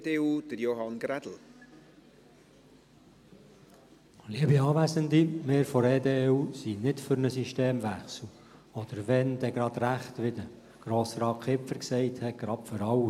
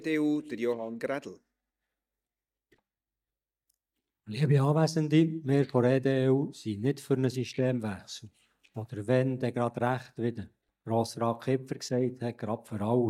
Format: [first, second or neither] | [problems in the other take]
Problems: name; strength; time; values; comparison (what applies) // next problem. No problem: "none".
first | noise reduction (neural mask model DeepFilterNet 3)